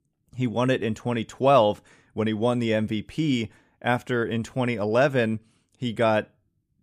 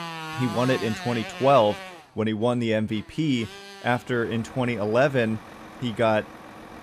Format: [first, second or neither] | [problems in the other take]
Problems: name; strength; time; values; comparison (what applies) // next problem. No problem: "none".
first | traffic noise; noticeable; throughout; 15 dB below the speech